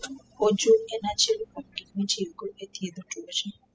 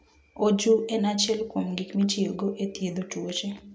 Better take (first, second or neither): second